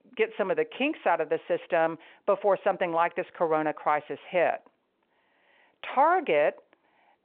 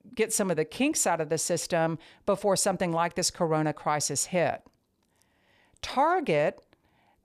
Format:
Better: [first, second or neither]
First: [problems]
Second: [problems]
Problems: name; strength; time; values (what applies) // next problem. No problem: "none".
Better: second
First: phone-call audio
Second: none